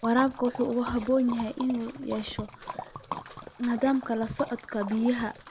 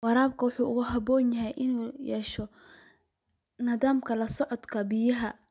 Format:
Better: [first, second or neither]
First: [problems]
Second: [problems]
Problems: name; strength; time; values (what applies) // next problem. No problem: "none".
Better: second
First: background sound (Liquid); 12 dB below the speech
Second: none